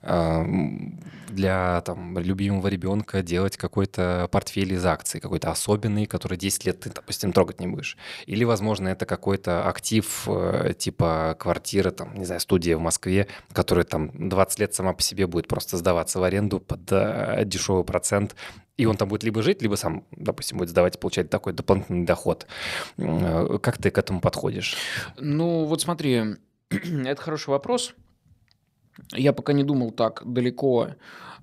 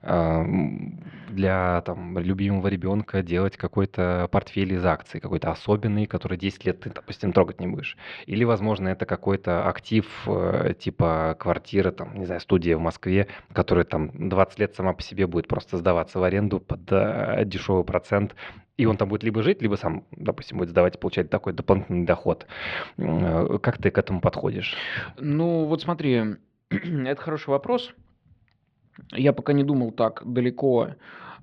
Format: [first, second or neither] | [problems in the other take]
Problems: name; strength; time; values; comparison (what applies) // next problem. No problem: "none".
first | muffled; slightly; fading above 3.5 kHz